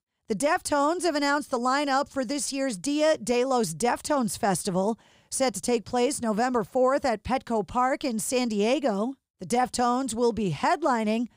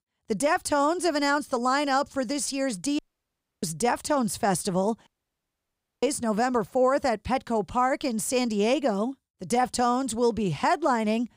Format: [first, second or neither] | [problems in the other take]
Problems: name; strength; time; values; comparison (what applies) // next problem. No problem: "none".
first | audio cutting out; at 3 s for 0.5 s and at 5 s for 1 s